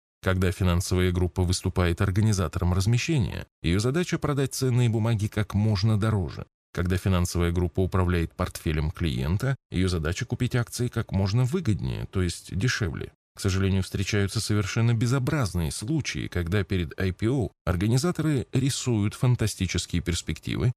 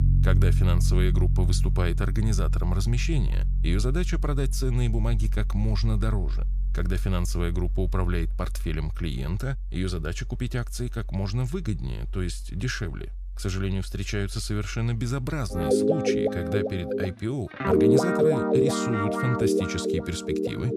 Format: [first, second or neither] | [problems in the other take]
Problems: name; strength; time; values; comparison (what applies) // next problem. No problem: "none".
first | background music; very loud; throughout; 3 dB above the speech